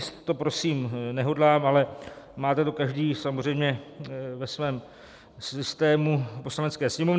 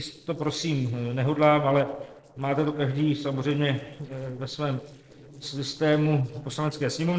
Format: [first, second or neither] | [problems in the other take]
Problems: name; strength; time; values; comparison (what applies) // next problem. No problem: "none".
first | noise reduction (neural separator model SepFormer DNS4)